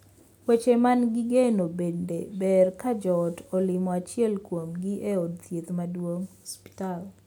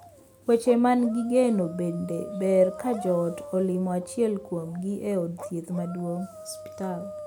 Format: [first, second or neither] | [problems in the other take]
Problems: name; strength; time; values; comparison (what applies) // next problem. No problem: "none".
first | background sound (Dog); 15 dB below the speech